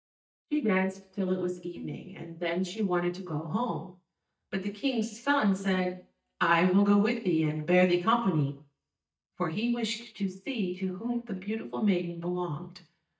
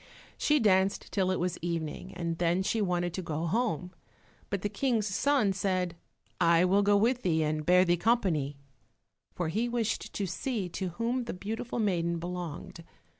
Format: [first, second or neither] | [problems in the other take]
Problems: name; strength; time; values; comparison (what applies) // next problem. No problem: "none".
second | noise reduction (neural mask model DeepFilterNet 3)